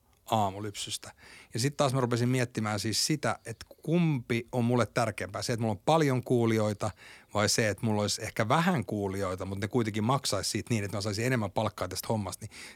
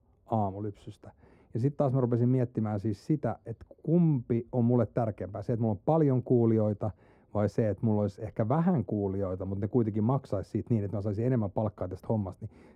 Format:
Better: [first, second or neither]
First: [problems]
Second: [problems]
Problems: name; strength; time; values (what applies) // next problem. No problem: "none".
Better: first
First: none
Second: muffled; very; fading above 1.5 kHz